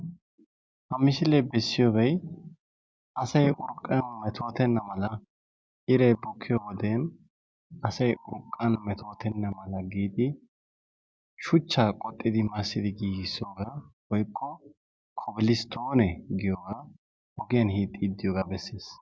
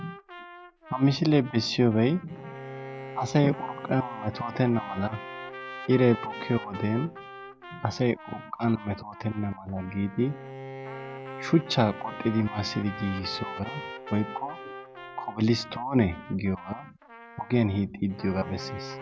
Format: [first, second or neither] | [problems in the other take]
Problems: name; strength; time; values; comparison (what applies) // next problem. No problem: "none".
first | background sound (Bowed string instrument + Trumpet); 13 dB below the speech